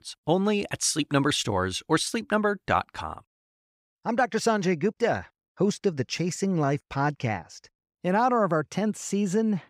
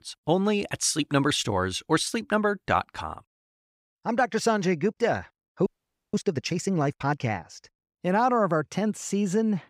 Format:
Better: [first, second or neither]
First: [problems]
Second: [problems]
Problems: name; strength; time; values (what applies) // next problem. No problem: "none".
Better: first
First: none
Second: audio freezing; at 5.5 s